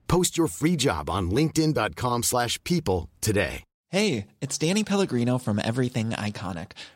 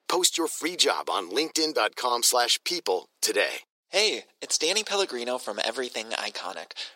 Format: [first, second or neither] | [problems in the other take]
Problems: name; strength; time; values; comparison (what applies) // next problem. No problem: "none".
first | thin; very; fading below 400 Hz